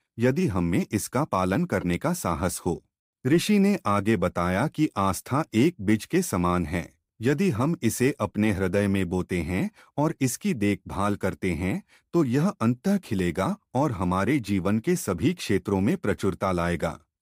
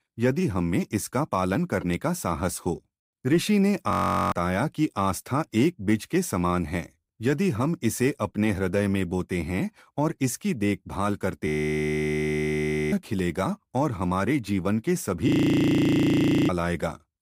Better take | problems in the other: first | audio freezing; at 4 s, at 11 s for 1.5 s and at 15 s for 1 s

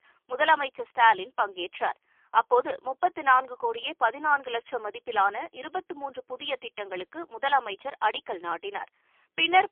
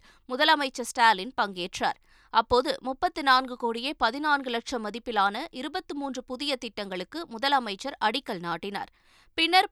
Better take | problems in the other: second | phone-call audio; poor line; nothing above 3.5 kHz

